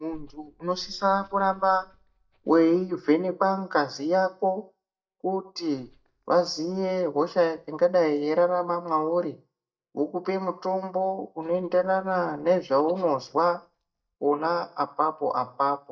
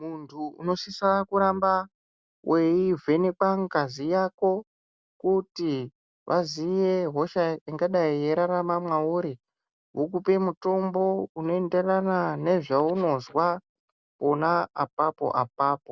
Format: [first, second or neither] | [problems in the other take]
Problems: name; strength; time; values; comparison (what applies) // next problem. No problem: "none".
second | noise reduction (neural mask model DeepFilterNet 3)